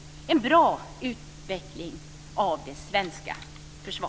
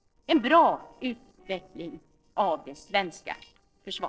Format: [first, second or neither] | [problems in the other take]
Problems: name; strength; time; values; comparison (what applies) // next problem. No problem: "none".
first | noise reduction (neural separator model SepFormer DNS4)